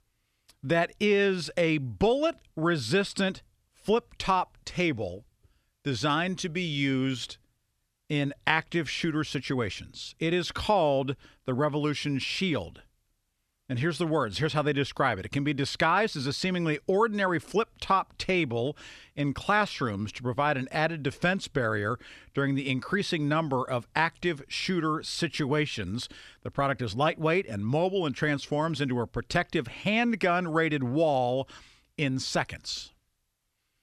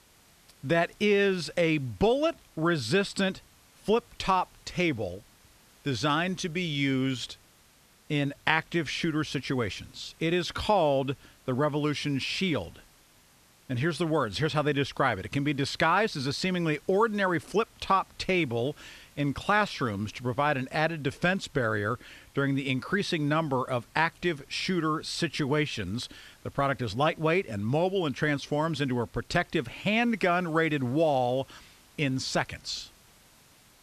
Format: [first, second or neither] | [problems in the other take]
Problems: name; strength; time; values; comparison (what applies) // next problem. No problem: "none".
first | hiss; faint; throughout; 30 dB below the speech